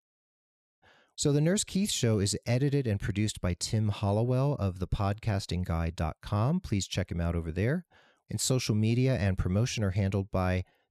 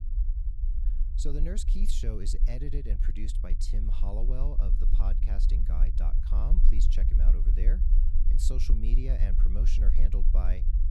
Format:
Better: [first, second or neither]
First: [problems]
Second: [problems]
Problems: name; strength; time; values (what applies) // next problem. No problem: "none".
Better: first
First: none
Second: low rumble; loud; throughout; 6 dB below the speech